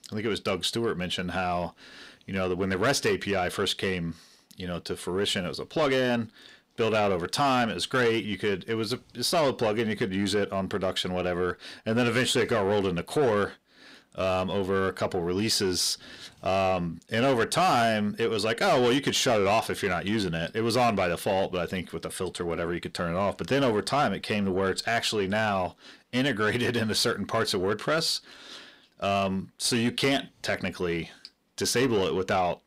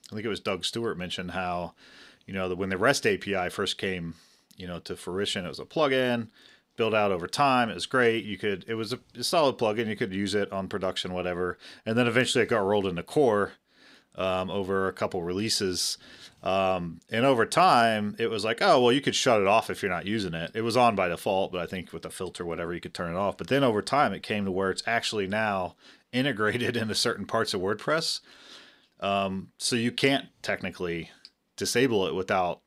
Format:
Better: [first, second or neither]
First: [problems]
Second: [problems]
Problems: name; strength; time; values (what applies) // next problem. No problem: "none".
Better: second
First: distortion; slight; 10 dB below the speech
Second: none